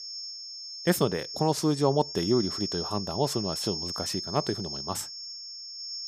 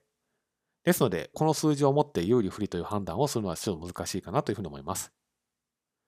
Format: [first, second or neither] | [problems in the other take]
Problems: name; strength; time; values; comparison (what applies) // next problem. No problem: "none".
second | high-pitched whine; loud; throughout; 5.5 kHz, 5 dB below the speech